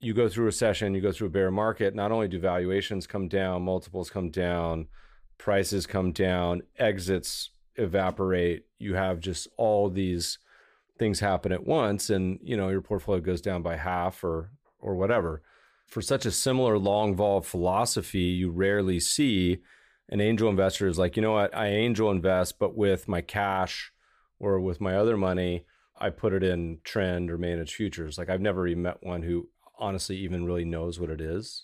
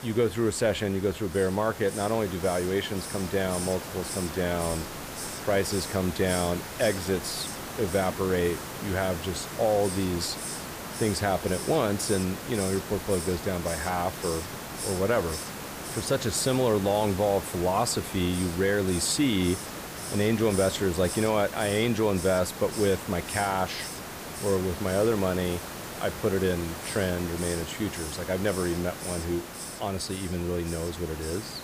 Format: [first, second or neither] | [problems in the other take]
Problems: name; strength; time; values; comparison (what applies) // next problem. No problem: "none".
first | hiss; loud; throughout; 8 dB below the speech